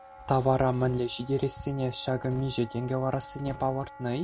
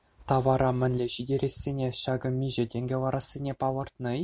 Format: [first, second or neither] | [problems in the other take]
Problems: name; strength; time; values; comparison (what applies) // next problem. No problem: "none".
second | background sound (Slam + Wind instrument, woodwind instrument); 17 dB below the speech